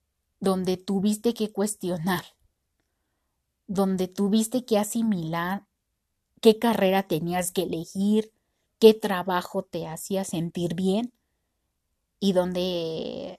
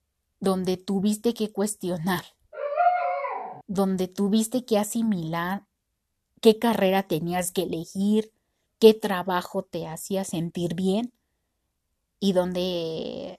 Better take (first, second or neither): first